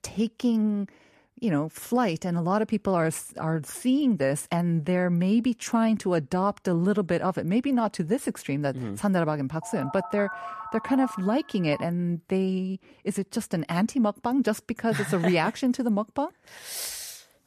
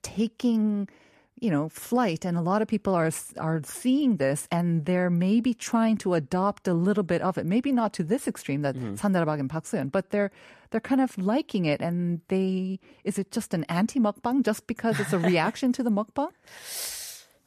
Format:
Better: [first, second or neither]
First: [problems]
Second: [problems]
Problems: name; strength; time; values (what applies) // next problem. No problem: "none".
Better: second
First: phone ringing; noticeable; from 9.5 to 12 s; peak 9 dB below the speech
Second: none